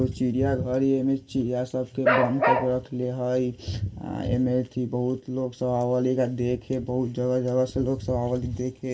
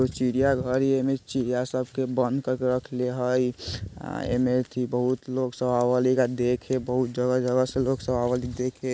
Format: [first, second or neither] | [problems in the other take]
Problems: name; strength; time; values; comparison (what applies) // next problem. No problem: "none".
second | background sound (Bark); 1 dB above the speech // room echo; dies away in 0.2 s